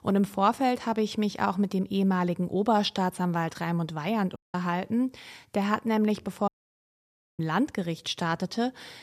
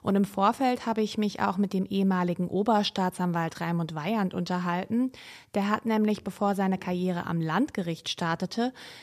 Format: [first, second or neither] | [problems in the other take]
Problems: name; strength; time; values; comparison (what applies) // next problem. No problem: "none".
second | audio cutting out; at 4.5 s and at 6.5 s for 1 s